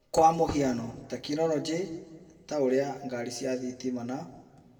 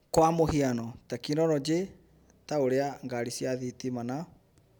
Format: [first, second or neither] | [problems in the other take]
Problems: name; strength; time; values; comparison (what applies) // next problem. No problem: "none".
second | room echo; dies away in 1.1 s